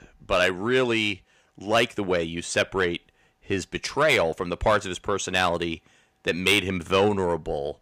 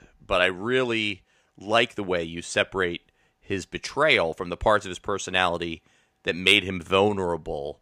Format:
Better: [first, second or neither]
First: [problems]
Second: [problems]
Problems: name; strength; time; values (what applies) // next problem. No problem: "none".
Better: second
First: distortion; slight; 10 dB below the speech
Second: none